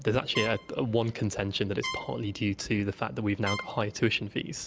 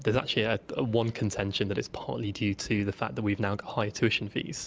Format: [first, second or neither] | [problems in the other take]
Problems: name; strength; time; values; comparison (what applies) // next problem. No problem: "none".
second | background sound (Trumpet); 10 dB below the speech